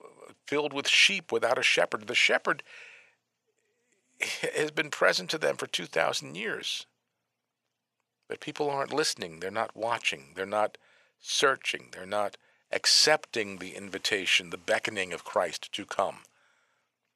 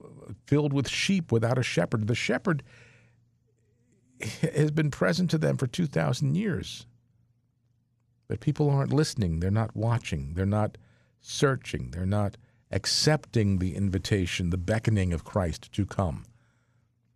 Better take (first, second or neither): second